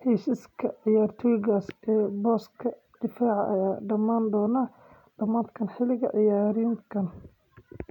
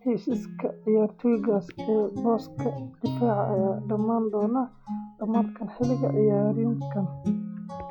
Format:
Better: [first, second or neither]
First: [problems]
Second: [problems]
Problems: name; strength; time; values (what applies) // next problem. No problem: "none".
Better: first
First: none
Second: noise reduction (classical method log-MMSE)